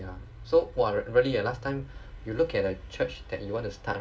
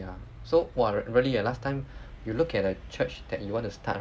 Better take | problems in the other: second | room echo; dies away in 0.2 s

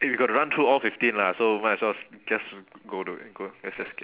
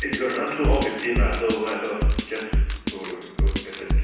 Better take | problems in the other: first | background sound (Drum kit); 3 dB above the speech // room echo; dies away in 1.1 s

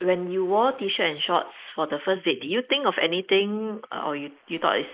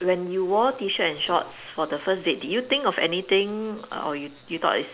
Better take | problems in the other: second | noise reduction (neural mask model Resemble Enhance denoiser)

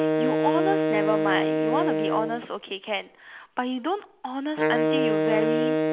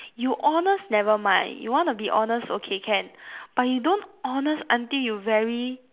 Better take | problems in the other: second | background sound (Wind instrument, woodwind instrument); 4 dB above the speech

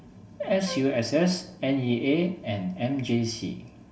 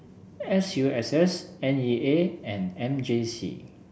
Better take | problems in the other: second | background sound (Wind instrument, woodwind instrument); 14 dB below the speech // room echo; dies away in 0.2 s

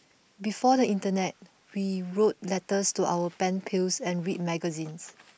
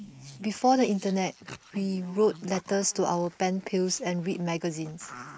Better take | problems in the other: first | noise reduction (neural mask model Resemble Enhance denoiser)

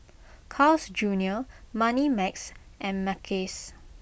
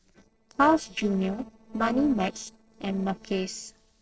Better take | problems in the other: first | noise reduction (neural separator model SepFormer DNS4)

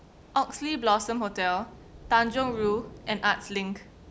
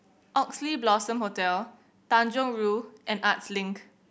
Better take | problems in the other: second | background sound (Thunder / Rain); 18 dB below the speech

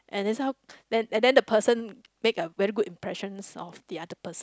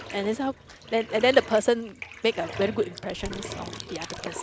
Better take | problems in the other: first | background sound (Domestic sounds, home sounds + Bathtub (filling or washing)); 12 dB below the speech

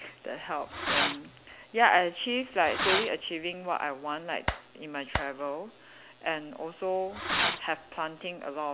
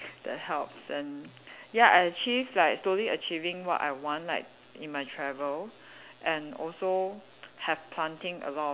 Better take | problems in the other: second | background sound (Fireworks + Clapping); 1 dB below the speech

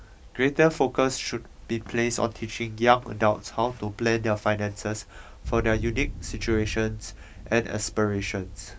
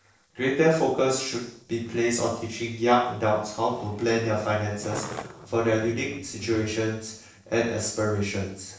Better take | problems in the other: first | noise reduction (neural separator model SepFormer DNS4)

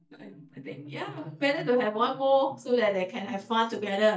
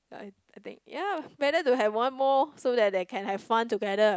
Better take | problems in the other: second | noise reduction (neural mask model DeepFilterNet 3)

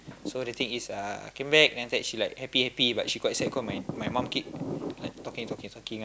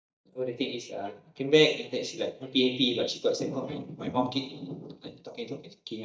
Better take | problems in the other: first | noise reduction (neural mask model DeepFilterNet 3)

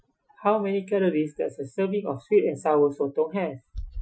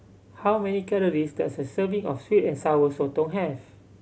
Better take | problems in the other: second | noise reduction (classical method Wiener filter)

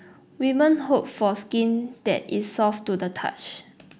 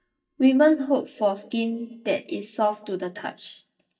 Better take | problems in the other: first | noise reduction (neural mask model DeepFilterNet 3)

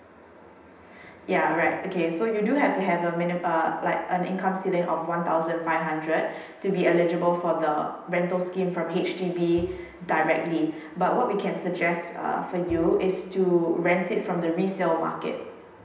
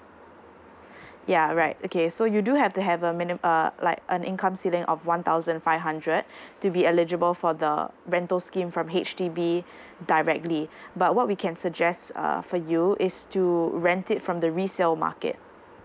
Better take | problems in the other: second | background sound (Bowed string instrument); 15 dB below the speech // room echo; dies away in 0.9 s

